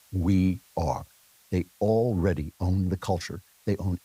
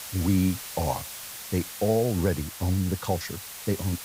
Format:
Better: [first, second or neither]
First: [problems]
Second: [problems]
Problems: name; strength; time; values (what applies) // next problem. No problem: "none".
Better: first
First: hiss; faint; throughout; 30 dB below the speech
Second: hiss; loud; throughout; 9 dB below the speech